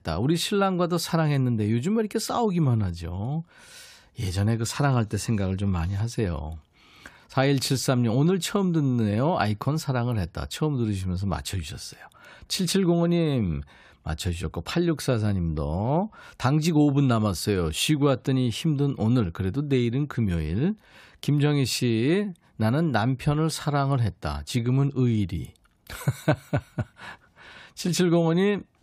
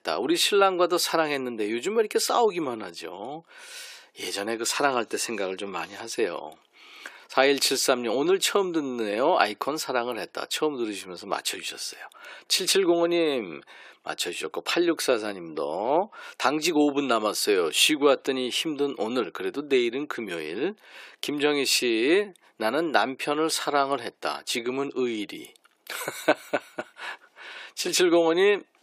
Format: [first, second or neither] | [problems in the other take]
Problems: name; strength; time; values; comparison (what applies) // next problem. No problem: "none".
first | thin; very; fading below 350 Hz